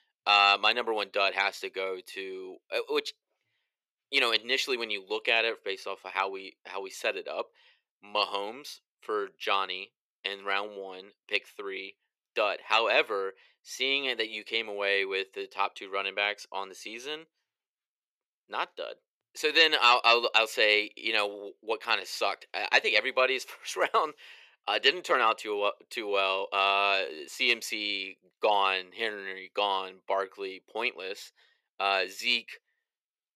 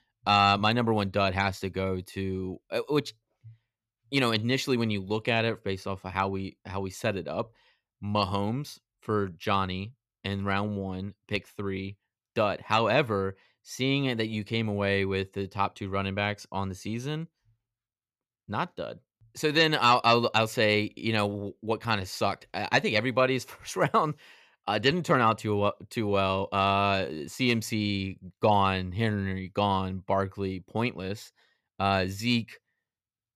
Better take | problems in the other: second | thin; very; fading below 400 Hz

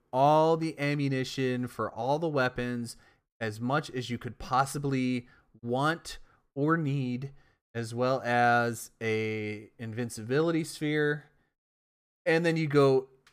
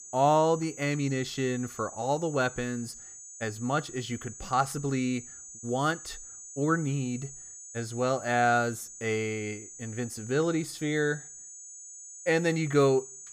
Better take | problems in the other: first | high-pitched whine; noticeable; throughout; 7 kHz, 15 dB below the speech

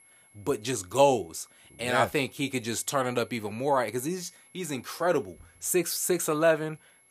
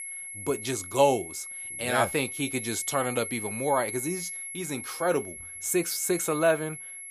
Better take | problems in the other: first | high-pitched whine; loud; throughout; 11 kHz, 7 dB below the speech; faint in the first

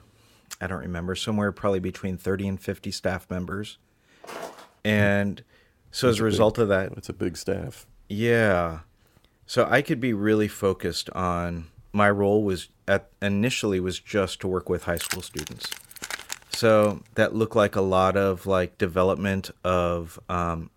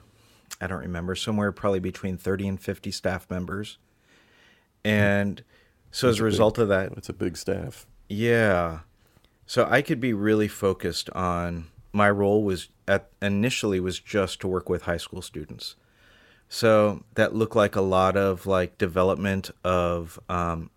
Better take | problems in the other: second | footsteps; faint; at 4 s; peak 15 dB below the speech // jangling keys; noticeable; from 15 to 17 s; peak 6 dB below the speech

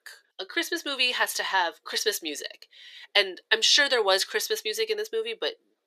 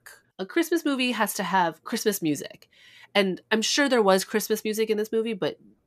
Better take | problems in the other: second | thin; very; fading below 400 Hz

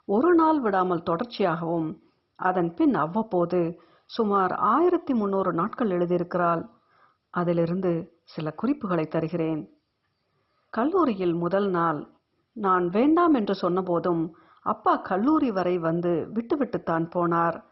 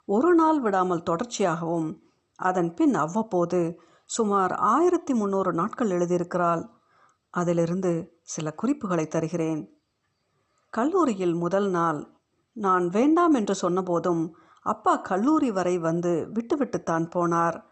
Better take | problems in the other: second | garbled, watery; badly; nothing above 5.5 kHz; slightly in the second

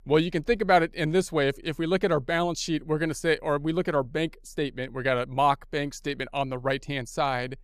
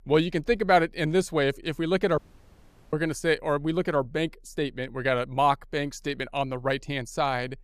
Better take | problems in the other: first | audio cutting out; at 2 s for 1 s

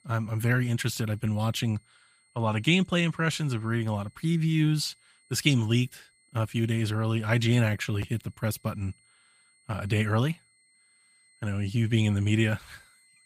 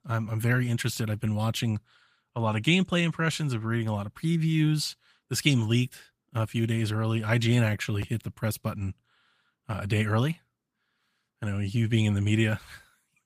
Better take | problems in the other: second | high-pitched whine; faint; throughout; 2 kHz, 35 dB below the speech

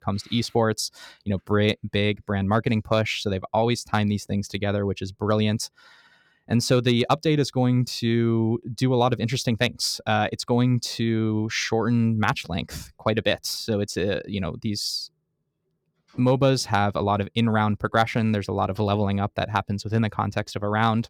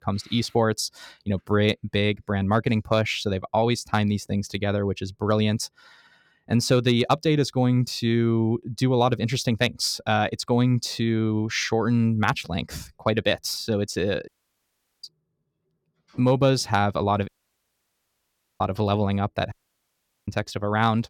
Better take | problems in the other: first | audio cutting out; at 14 s for 1 s, at 17 s for 1.5 s and at 20 s for 1 s

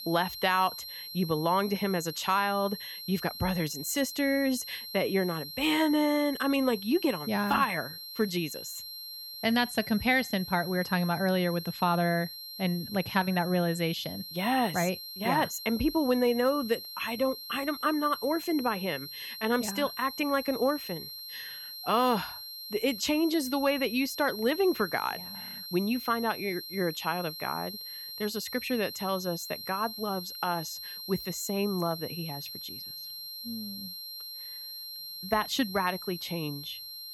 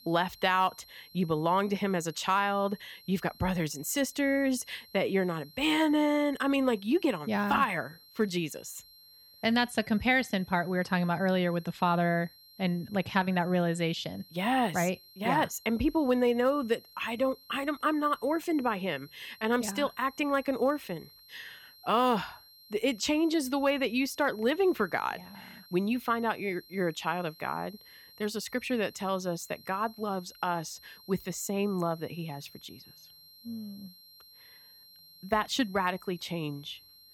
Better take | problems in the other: second | high-pitched whine; loud; throughout; 4 kHz, 9 dB below the speech; faint in the second

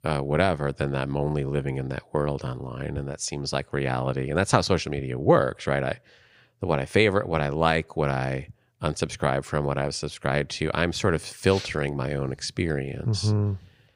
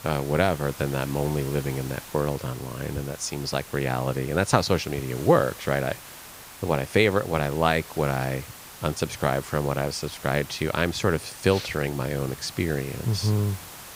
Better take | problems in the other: first | hiss; noticeable; throughout; 15 dB below the speech

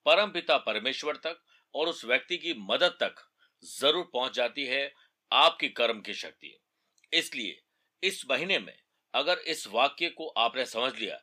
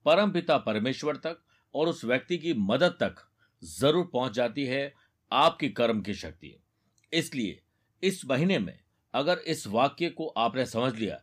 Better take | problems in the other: second | thin; somewhat; fading below 450 Hz

